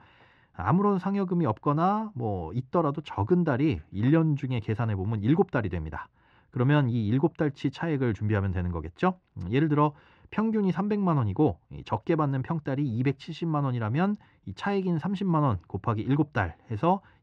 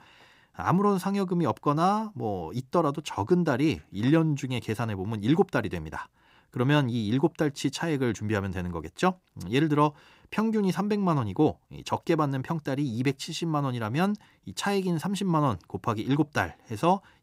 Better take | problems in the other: second | muffled; slightly; fading above 2.5 kHz

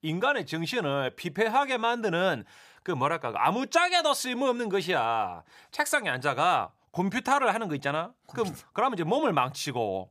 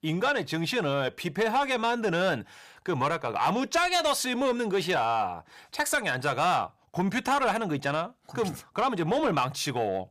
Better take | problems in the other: first | distortion; slight; 10 dB below the speech

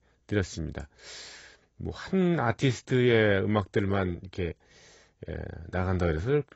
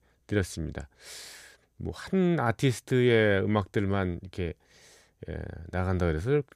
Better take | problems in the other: second | garbled, watery; badly; nothing above 7.5 kHz

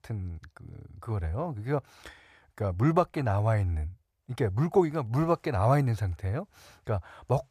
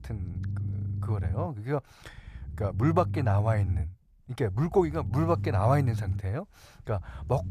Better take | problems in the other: first | low rumble; noticeable; throughout; 15 dB below the speech

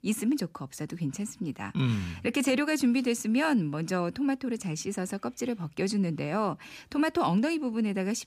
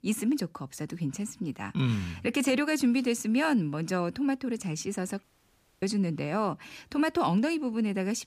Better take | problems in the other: first | audio cutting out; at 5 s for 0.5 s

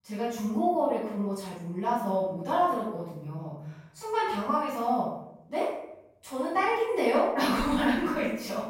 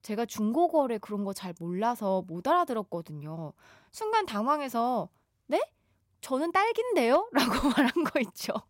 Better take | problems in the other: second | off-mic speech; far // room echo; strong; dies away in 0.7 s

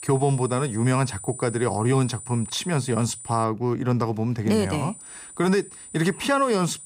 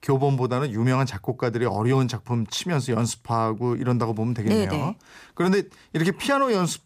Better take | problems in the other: second | high-pitched whine; noticeable; until 3.5 s and from 4.5 s on; 9 kHz, 15 dB below the speech

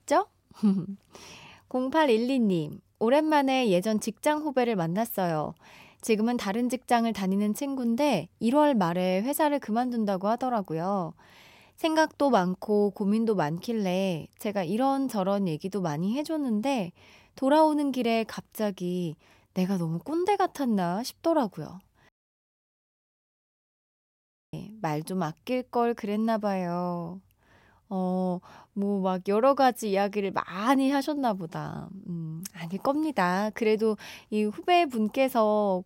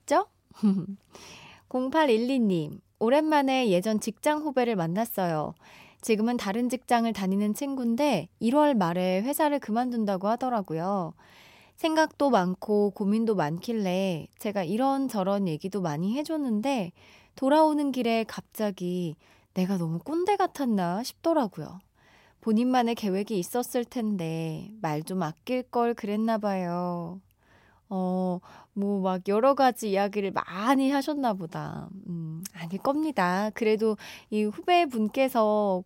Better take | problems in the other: second | audio cutting out; at 22 s for 2.5 s

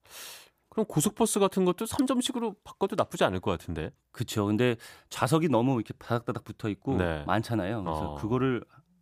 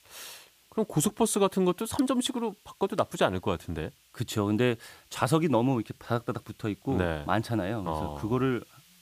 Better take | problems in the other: first | hiss; faint; throughout; 30 dB below the speech

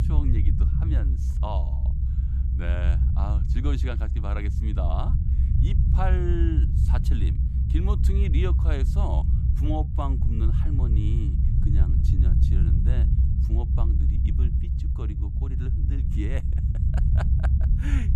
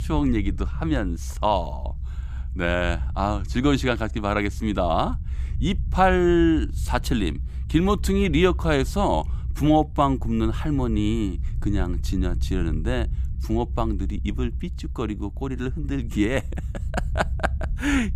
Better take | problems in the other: second | low rumble; loud; throughout; 2 dB below the speech; faint in the second

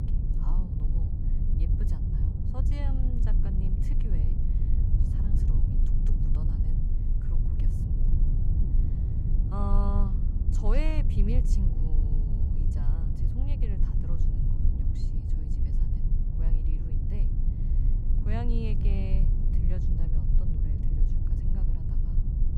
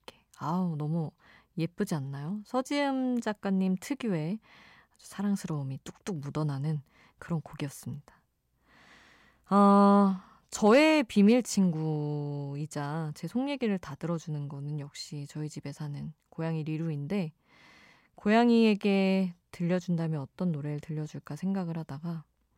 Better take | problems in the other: second | low rumble; loud; throughout; 1 dB below the speech

